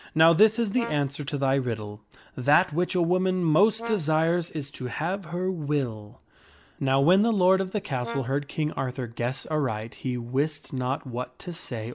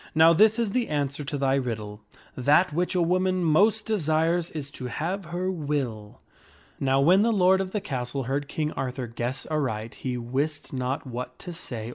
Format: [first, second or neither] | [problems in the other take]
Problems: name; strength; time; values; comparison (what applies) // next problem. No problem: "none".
second | background sound (Brass instrument); 17 dB below the speech